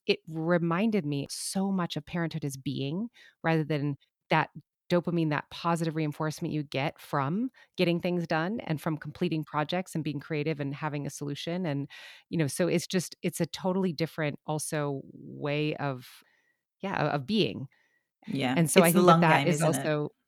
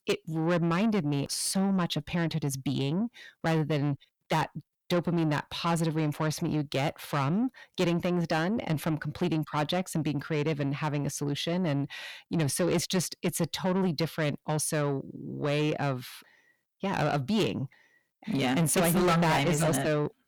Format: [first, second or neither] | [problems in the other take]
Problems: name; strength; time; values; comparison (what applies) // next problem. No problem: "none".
first | distortion; heavy; 7 dB below the speech